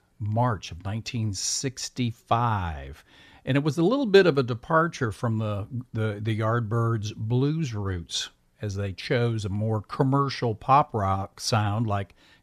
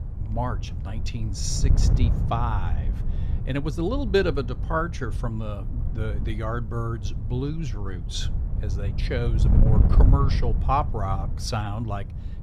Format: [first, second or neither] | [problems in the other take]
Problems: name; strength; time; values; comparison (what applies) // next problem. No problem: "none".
first | wind noise on the microphone; occasional gusts; 10 dB below the speech